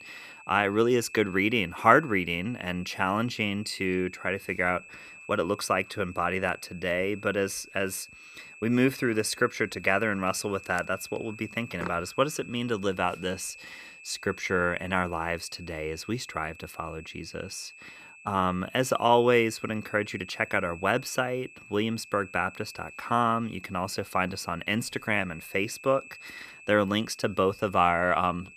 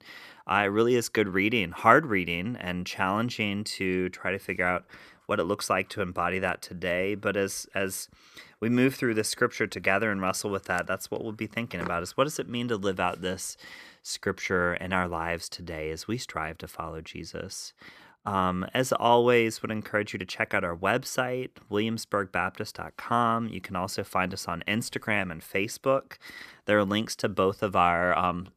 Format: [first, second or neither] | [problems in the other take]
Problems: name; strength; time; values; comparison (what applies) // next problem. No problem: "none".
second | high-pitched whine; noticeable; throughout; 2.5 kHz, 20 dB below the speech